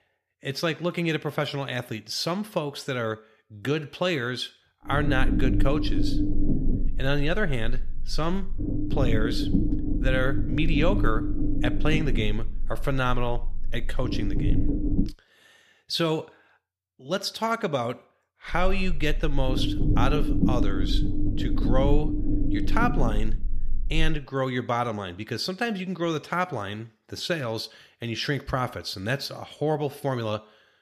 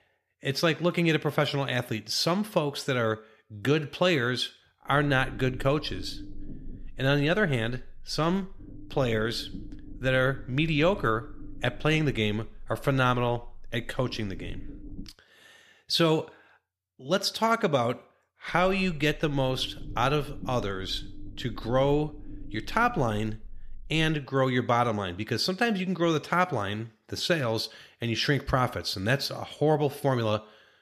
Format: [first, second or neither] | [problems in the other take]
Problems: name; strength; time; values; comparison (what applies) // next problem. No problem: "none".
second | low rumble; loud; from 5 to 15 s and from 19 to 24 s; 5 dB below the speech; faint in the second